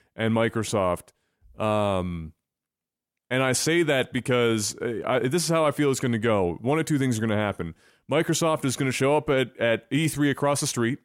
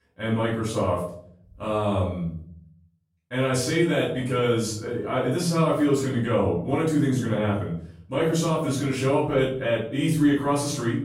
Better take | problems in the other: first | off-mic speech; far // room echo; noticeable; dies away in 0.7 s

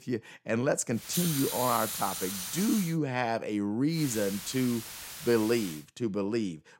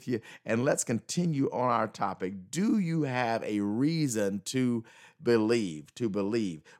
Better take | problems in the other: second | hiss; loud; from 1 to 3 s and from 4 to 6 s; 5 dB below the speech

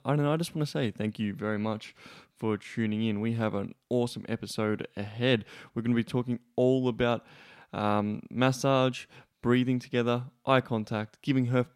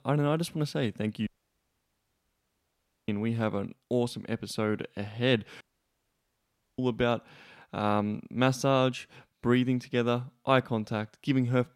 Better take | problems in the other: first | audio cutting out; at 1.5 s for 2 s and at 5.5 s for 1 s

